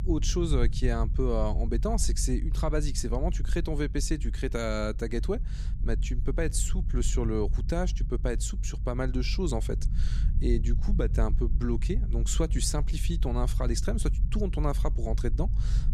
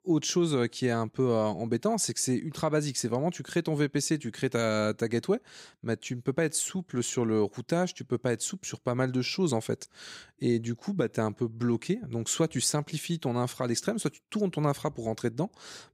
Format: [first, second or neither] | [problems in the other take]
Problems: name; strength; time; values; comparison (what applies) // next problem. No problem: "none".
second | low rumble; noticeable; throughout; 15 dB below the speech